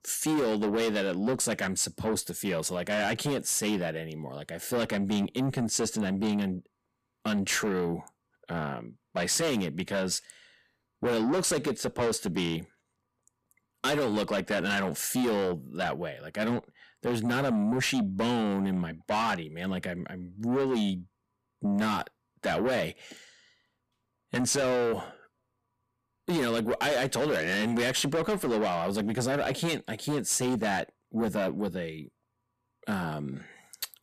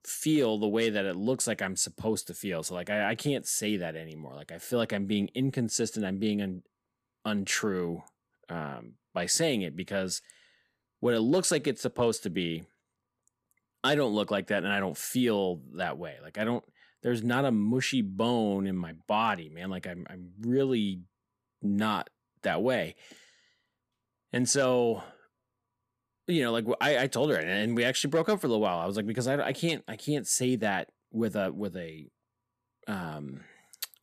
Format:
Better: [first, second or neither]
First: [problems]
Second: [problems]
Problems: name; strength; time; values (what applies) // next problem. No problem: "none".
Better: second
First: distortion; heavy; 8 dB below the speech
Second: none